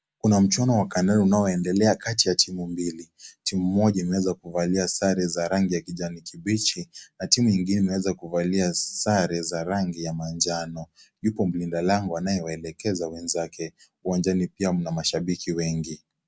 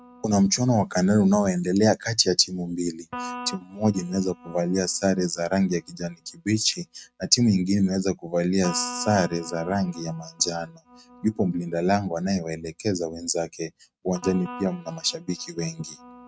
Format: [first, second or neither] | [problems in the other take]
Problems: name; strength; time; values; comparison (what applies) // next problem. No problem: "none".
first | noise reduction (neural mask model RNNoise)